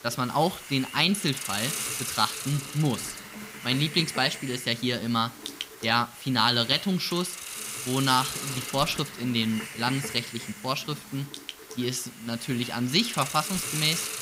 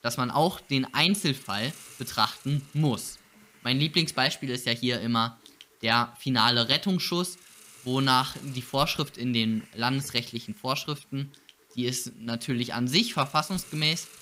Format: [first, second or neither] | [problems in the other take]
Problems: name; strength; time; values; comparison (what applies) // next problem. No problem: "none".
second | hiss; loud; throughout; 8 dB below the speech; faint in the second